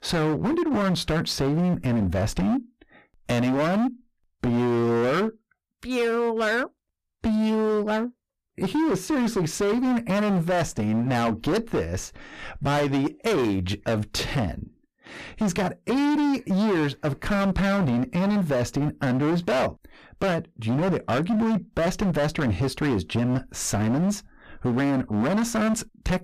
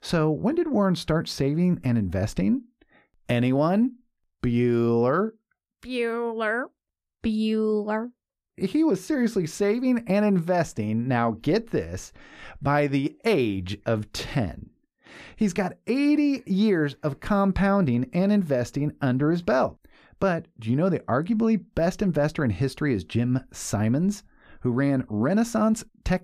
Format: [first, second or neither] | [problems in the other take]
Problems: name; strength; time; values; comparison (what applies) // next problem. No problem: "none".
second | distortion; heavy; 26% of the sound clipped